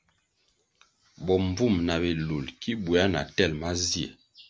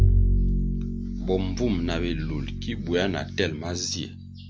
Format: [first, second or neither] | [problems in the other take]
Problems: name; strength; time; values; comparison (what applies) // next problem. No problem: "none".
first | background sound (Bowed string instrument); 4 dB above the speech